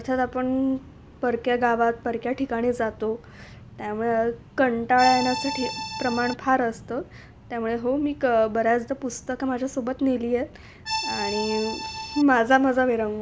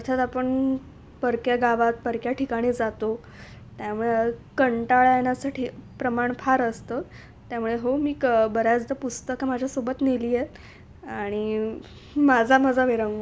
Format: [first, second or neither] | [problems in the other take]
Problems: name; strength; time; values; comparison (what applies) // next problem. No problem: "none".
second | background sound (Accordion); 6 dB below the speech